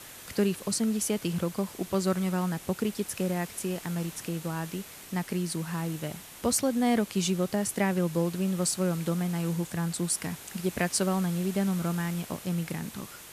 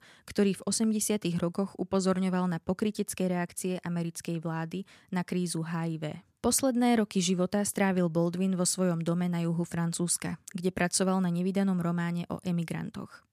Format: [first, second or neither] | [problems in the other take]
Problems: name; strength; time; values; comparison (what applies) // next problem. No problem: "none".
second | hiss; noticeable; throughout; 15 dB below the speech